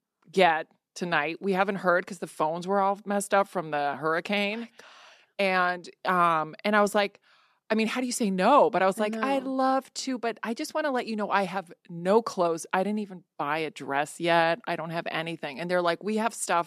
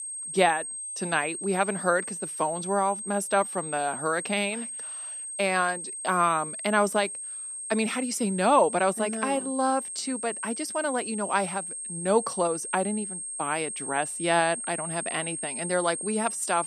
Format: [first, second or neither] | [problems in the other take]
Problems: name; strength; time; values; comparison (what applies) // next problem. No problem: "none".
first | high-pitched whine; loud; throughout; 8.5 kHz, 6 dB below the speech